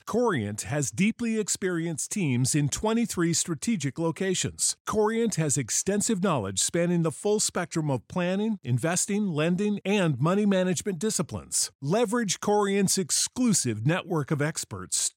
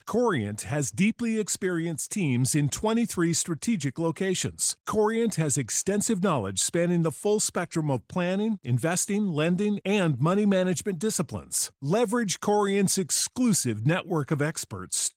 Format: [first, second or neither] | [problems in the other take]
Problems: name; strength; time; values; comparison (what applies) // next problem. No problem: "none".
first | garbled, watery; slightly; nothing above 16 kHz